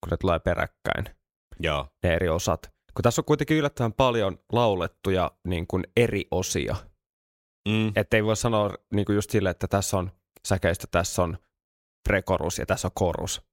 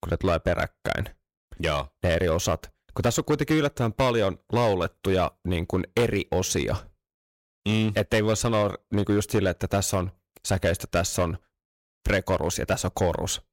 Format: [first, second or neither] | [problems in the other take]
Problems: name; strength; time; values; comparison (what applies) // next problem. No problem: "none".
first | distortion; slight; 5% of the sound clipped